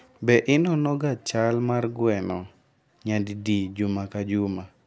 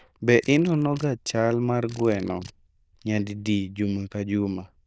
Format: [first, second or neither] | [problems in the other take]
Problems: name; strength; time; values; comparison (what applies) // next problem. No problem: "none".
first | noise reduction (neural diffusion model UNIVERSE++)